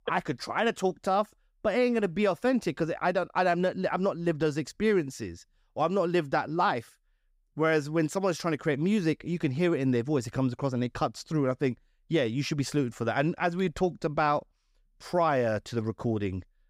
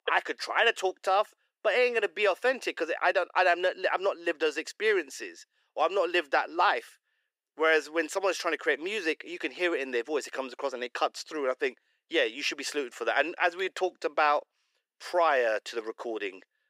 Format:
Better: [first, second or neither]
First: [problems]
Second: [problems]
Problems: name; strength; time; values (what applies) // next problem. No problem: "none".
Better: first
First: none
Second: thin; very; fading below 400 Hz